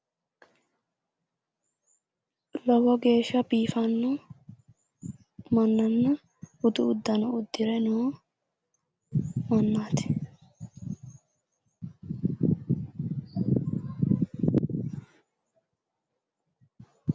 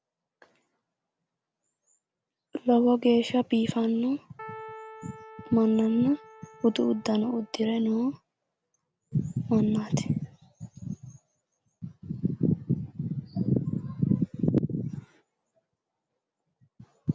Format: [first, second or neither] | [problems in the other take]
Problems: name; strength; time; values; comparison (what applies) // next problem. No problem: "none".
first | background sound (Keyboard (musical)); 18 dB below the speech